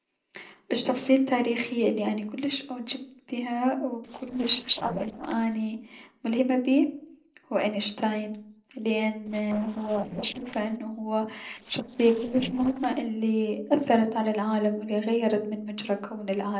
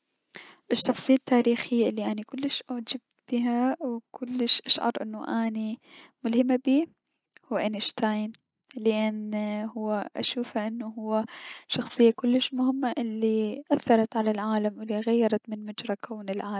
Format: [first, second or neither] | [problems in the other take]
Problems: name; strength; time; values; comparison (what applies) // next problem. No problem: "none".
second | noise reduction (neural separator model SepFormer DNS4)